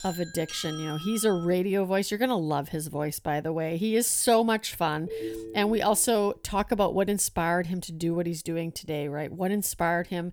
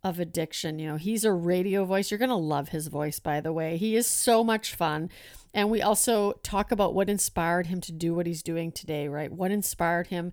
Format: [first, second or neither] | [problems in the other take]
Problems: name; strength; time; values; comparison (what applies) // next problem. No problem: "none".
second | doorbell; faint; until 1.5 s; peak 10 dB below the speech // phone ringing; noticeable; at 5 s; peak 8 dB below the speech